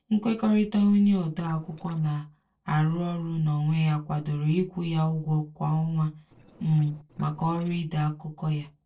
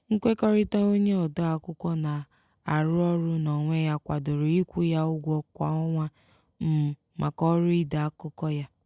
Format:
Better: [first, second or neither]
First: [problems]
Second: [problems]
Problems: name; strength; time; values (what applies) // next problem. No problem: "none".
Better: second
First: noise reduction (neural separator model SepFormer DNS4)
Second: none